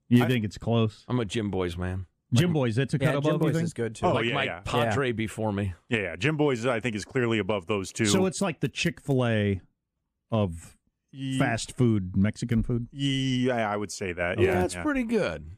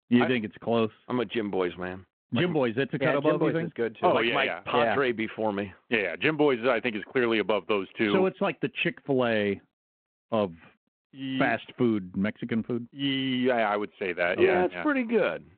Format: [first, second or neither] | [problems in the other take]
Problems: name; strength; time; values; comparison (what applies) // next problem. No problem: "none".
first | phone-call audio